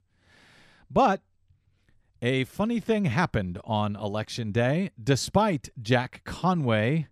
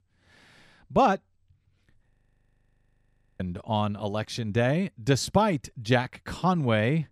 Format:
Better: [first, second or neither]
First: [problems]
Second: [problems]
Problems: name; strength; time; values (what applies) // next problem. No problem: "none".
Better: first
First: none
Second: audio freezing; at 2 s for 1.5 s